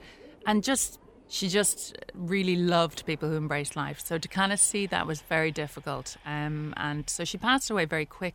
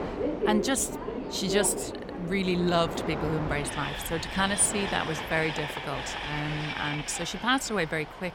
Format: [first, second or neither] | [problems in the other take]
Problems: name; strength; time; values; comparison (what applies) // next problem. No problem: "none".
first | train or aircraft noise; loud; throughout; 5 dB below the speech; faint in the first